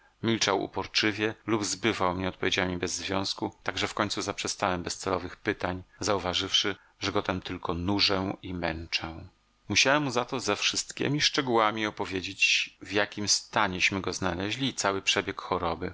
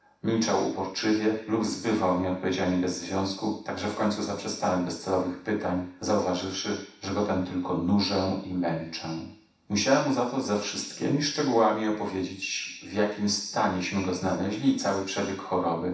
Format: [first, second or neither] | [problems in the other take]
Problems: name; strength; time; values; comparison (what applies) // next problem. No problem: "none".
first | room echo; dies away in 0.7 s